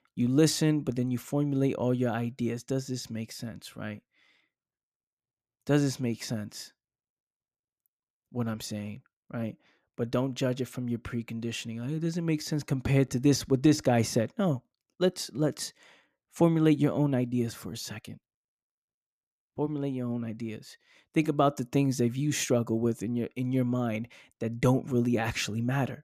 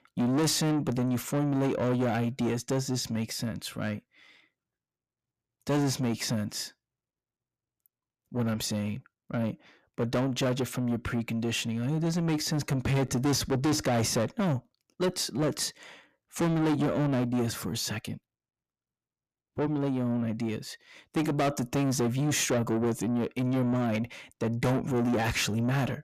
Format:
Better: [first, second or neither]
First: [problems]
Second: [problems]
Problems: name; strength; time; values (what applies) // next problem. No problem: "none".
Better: first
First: none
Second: distortion; heavy; 6 dB below the speech